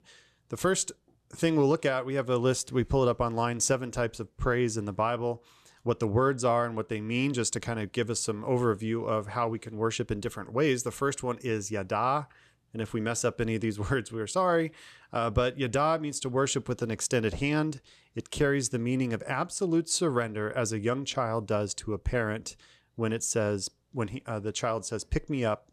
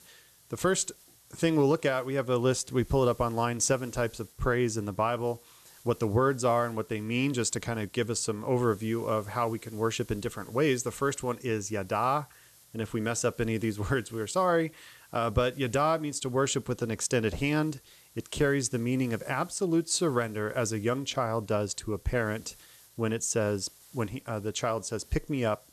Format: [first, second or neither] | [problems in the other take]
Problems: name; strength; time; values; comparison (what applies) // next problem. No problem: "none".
first | hiss; faint; throughout; 25 dB below the speech